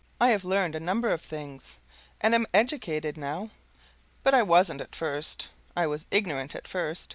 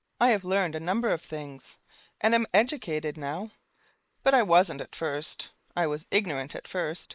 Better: first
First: none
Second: noise reduction (neural mask model Resemble Enhance denoiser)

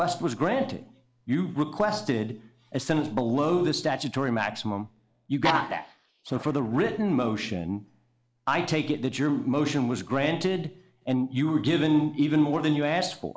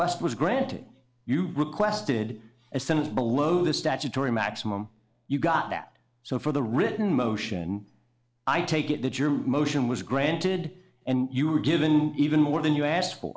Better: second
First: noise reduction (neural mask model Resemble Enhance denoiser)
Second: none

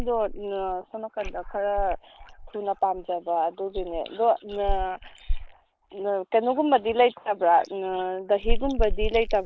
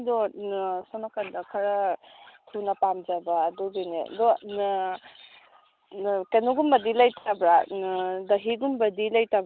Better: second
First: noise reduction (neural mask model Resemble Enhance denoiser)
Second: none

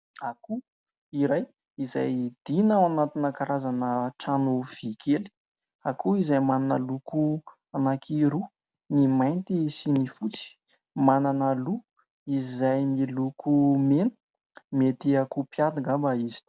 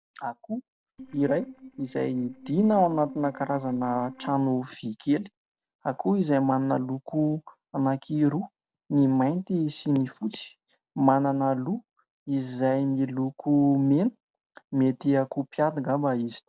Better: first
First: none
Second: noise reduction (neural separator model SepFormer DNS4)

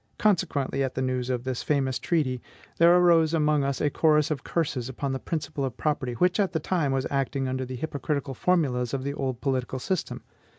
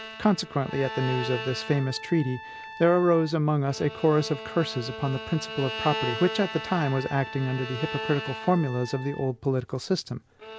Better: first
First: none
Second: background sound (Bowed string instrument + Trumpet); 11 dB below the speech

